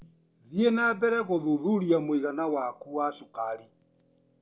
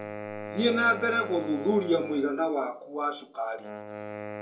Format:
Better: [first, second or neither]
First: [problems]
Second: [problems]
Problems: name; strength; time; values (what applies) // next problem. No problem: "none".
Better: first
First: none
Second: background sound (Wind instrument, woodwind instrument); 11 dB below the speech // room echo; dies away in 0.2 s